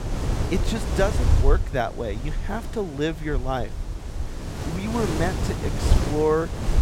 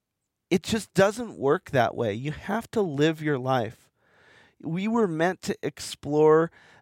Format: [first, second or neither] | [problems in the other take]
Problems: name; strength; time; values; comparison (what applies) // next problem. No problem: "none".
second | wind noise on the microphone; heavy; 7 dB below the speech